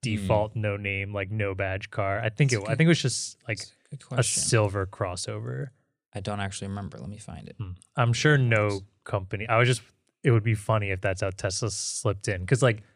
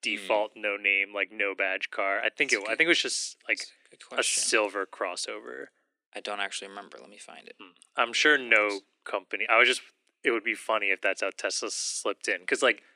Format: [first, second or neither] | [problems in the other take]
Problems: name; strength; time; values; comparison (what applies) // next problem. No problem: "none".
first | thin; very; fading below 250 Hz